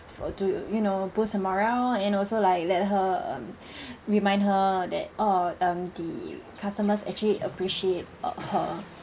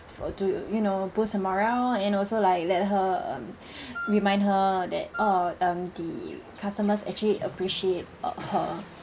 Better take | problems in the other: first | background sound (Wind instrument, woodwind instrument); 12 dB below the speech

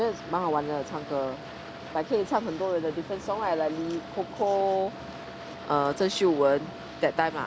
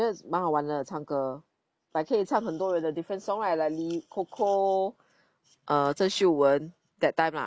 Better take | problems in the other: second | background sound (Wind instrument, woodwind instrument + Boat, Water vehicle); 12 dB below the speech

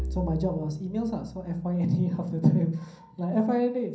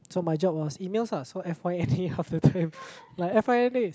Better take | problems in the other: second | background sound (Bowed string instrument); 13 dB below the speech // room echo; dies away in 0.6 s

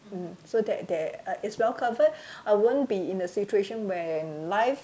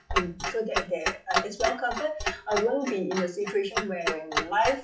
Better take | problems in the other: first | noise reduction (classical method WPE with log-MMSE)

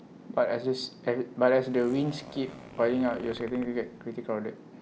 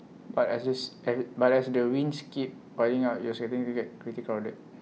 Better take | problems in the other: second | background sound (Zipper (clothing)); 19 dB below the speech

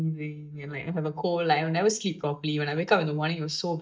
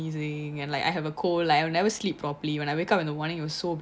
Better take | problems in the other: second | noise reduction (neural mask model DeepFilterNet 3)

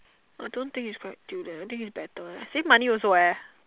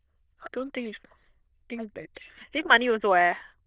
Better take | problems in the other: first | noise reduction (neural diffusion model UNIVERSE++)

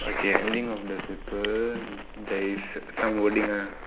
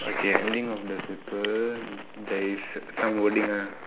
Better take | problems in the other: second | background sound (Snare drum + Purr); 16 dB below the speech

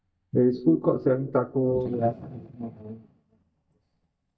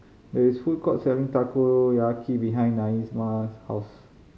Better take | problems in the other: second | noise reduction (neural mask model DeepFilterNet 3)

